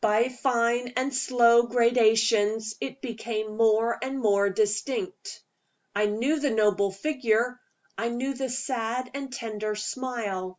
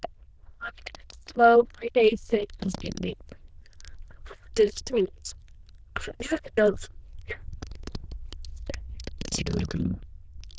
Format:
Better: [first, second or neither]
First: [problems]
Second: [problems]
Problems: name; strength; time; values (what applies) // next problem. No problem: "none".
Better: first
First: none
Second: noise reduction (neural diffusion model UNIVERSE++)